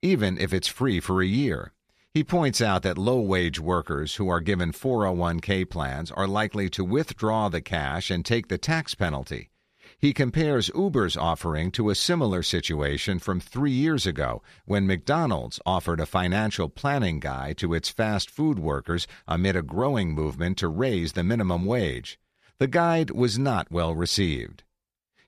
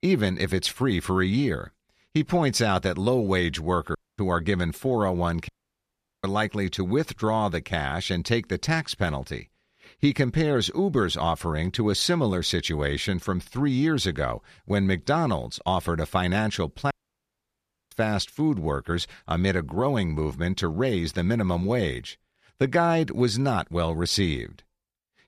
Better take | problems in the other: first | audio cutting out; at 4 s, at 5.5 s for 0.5 s and at 17 s for 1 s

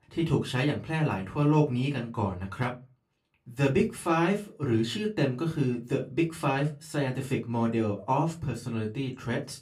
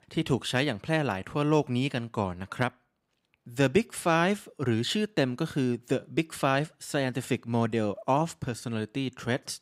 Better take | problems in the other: second | off-mic speech; far // room echo; very slight; dies away in 0.2 s

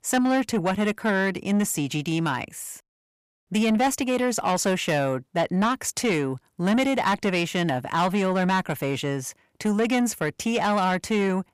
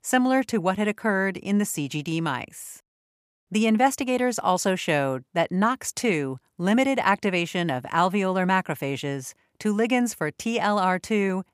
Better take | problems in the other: second | distortion; slight; 10 dB below the speech

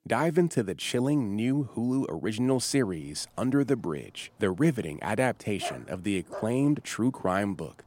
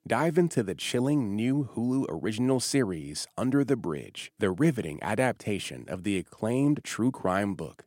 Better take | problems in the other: second | dog barking; noticeable; at 5.5 s; peak 10 dB below the speech

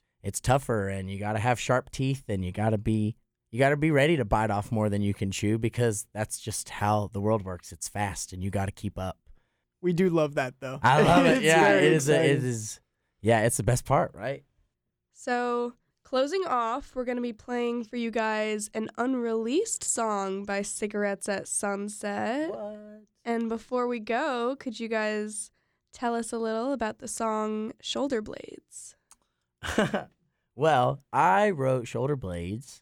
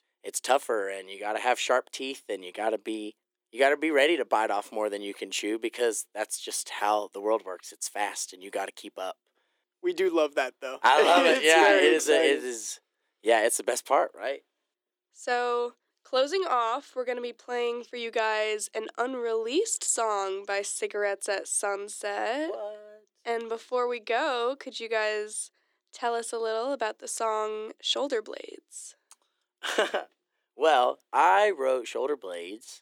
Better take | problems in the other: first | thin; very; fading below 300 Hz

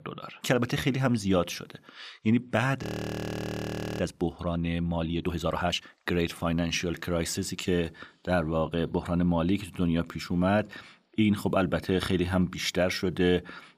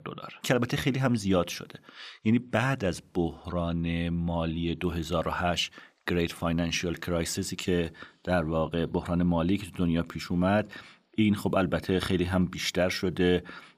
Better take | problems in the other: second | audio freezing; at 3 s for 1 s

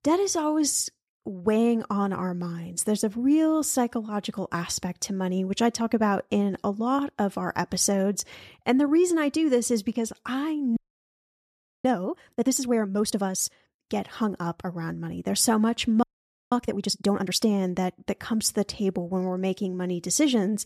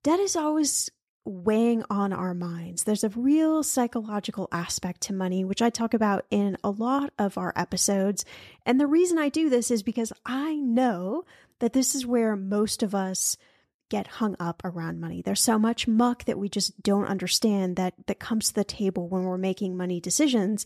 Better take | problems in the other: second | audio freezing; at 11 s for 1 s and at 16 s

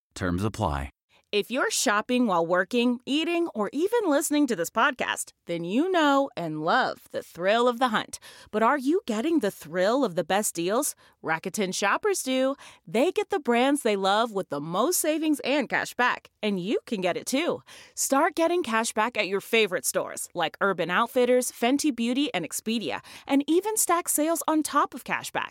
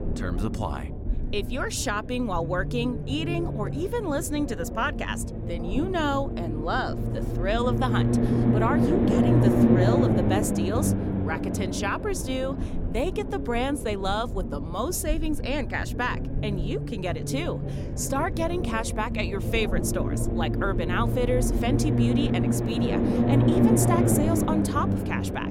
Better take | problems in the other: first | low rumble; loud; throughout; 2 dB below the speech

